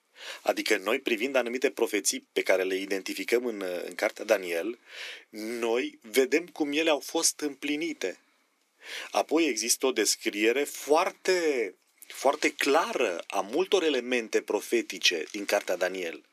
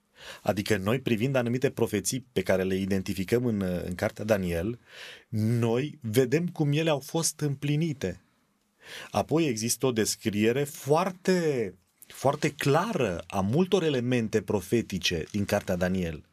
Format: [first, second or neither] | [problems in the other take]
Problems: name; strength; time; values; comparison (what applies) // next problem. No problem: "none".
second | thin; somewhat; fading below 300 Hz